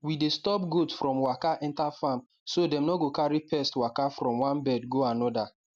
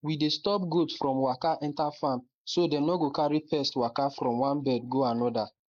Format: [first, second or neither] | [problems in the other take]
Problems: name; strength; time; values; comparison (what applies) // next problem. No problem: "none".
first | noise reduction (neural mask model Resemble Enhance denoiser)